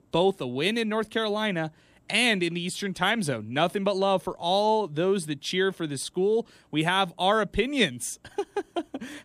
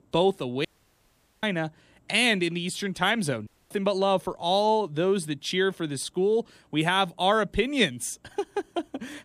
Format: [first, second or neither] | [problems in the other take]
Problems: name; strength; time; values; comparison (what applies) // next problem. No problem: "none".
first | audio cutting out; at 0.5 s for 1 s and at 3.5 s